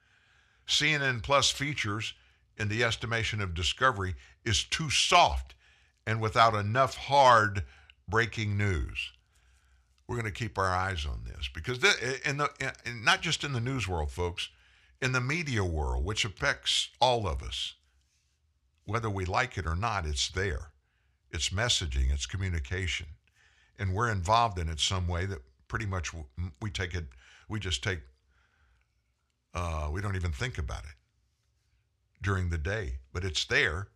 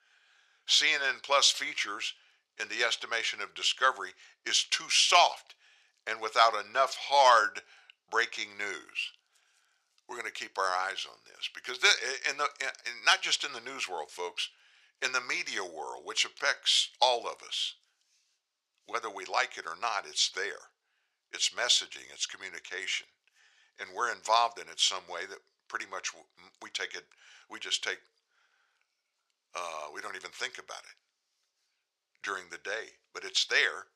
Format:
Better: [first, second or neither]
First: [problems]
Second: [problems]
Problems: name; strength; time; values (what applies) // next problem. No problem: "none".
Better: first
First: none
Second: thin; very; fading below 450 Hz